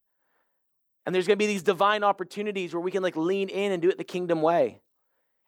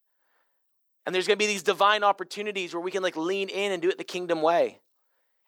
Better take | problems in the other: first | thin; very slightly; fading below 500 Hz

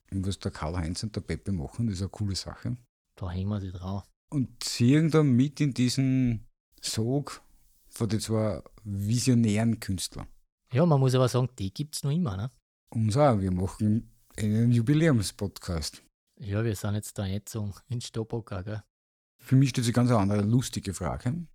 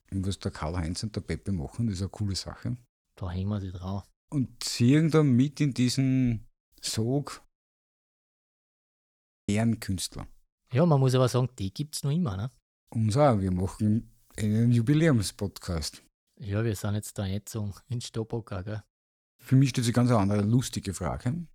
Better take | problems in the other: first | audio cutting out; at 7.5 s for 2 s

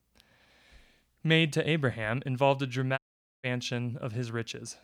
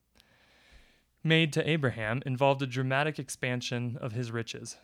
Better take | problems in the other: second | audio cutting out; at 3 s

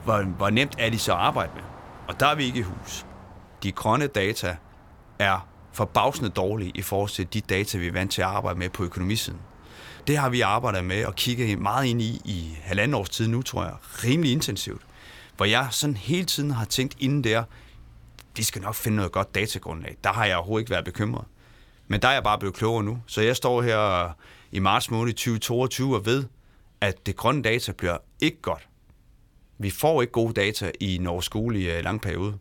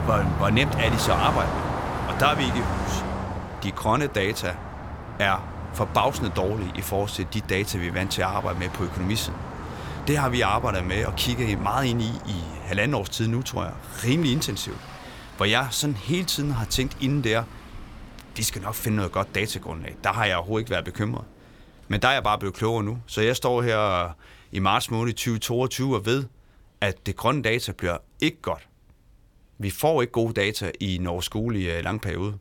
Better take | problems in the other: first | traffic noise; loud; throughout; 8 dB below the speech; faint in the first

